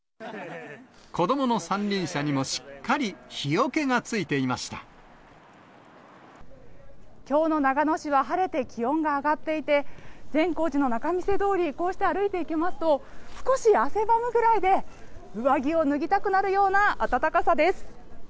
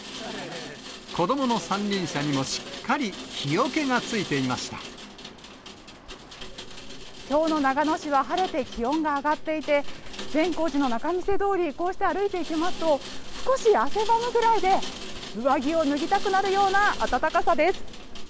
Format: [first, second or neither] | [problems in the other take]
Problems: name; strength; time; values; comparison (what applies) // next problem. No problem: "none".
first | background sound (Rain); 14 dB below the speech